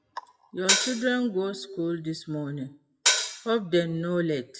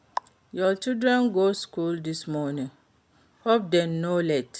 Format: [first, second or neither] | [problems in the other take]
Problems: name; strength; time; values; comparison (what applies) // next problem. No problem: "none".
second | noise reduction (classical method WPE with log-MMSE)